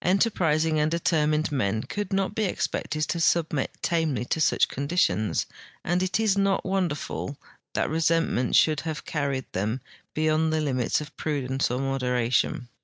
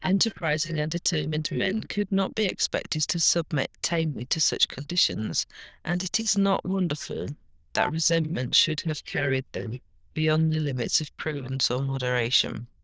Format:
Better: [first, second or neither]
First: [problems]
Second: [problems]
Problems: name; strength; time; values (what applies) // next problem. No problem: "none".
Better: first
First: none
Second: noise reduction (neural diffusion model UNIVERSE++)